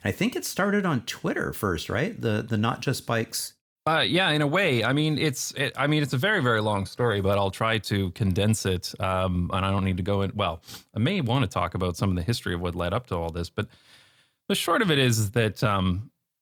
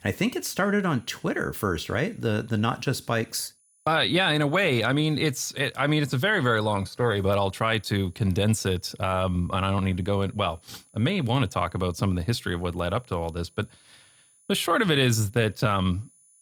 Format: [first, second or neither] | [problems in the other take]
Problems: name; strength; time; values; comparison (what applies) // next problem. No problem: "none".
first | high-pitched whine; faint; throughout; 10 kHz, 35 dB below the speech